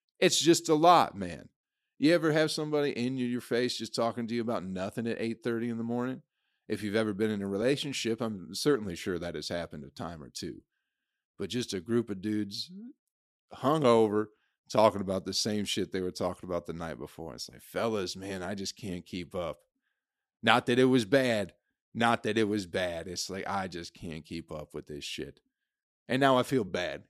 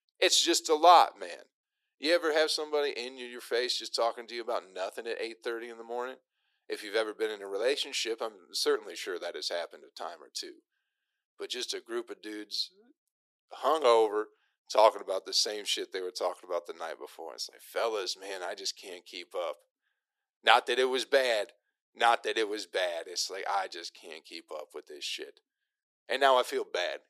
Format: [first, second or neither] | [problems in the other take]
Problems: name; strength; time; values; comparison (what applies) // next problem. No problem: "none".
first | thin; very; fading below 400 Hz